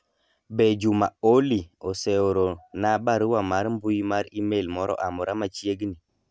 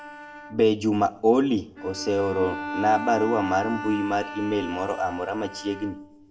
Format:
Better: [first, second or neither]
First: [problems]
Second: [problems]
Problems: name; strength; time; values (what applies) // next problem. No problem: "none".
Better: first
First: none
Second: background sound (Bowed string instrument); 11 dB below the speech // room echo; dies away in 0.5 s